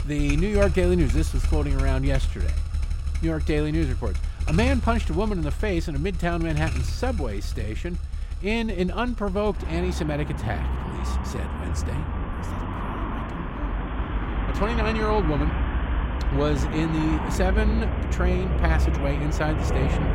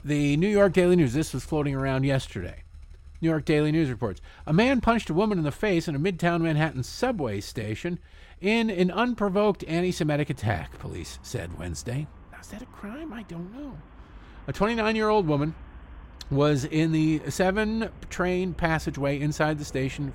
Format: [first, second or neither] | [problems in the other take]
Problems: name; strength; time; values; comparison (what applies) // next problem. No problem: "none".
second | traffic noise; loud; throughout; 1 dB below the speech; faint in the second